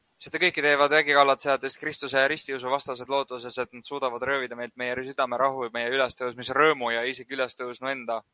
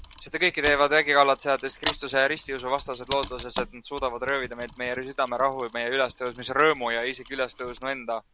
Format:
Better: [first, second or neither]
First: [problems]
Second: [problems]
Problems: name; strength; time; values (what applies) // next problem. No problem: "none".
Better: first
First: none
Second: background sound (Mechanisms); 15 dB below the speech